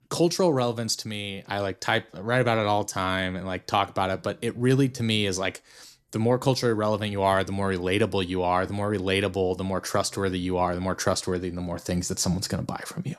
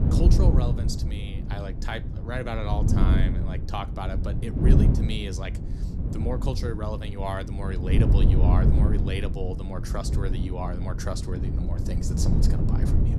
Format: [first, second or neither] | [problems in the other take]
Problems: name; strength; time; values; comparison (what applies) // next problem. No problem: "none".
first | wind noise on the microphone; heavy; 2 dB below the speech